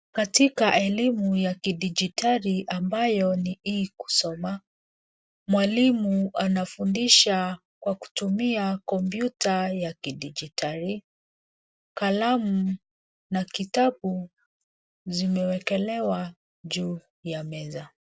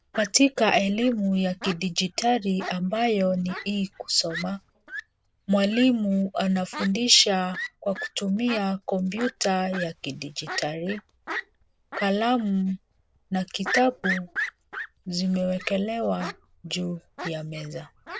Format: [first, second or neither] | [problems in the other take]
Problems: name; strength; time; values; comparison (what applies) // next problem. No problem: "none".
first | background sound (Fowl); 12 dB below the speech